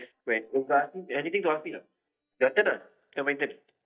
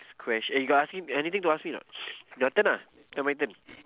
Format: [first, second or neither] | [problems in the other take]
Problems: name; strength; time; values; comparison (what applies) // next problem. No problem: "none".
second | noise reduction (neural mask model DeepFilterNet 3)